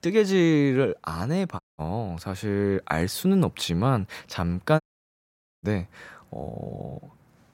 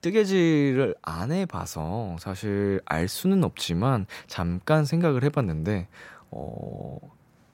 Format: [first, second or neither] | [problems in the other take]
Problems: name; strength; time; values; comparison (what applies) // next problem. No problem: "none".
second | audio cutting out; at 1.5 s and at 5 s for 1 s